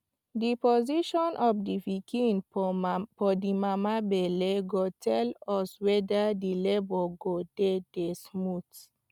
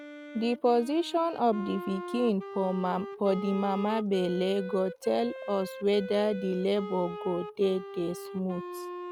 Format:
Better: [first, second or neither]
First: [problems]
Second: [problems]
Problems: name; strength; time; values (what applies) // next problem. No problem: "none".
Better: first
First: none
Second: background sound (Wind instrument, woodwind instrument); 11 dB below the speech